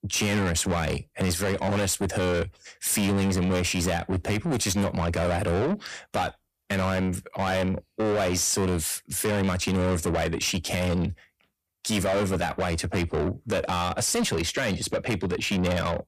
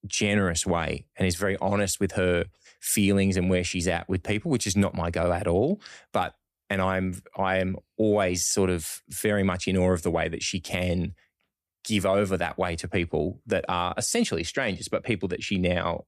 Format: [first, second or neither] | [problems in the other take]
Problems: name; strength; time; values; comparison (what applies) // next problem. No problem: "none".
second | distortion; heavy; 7 dB below the speech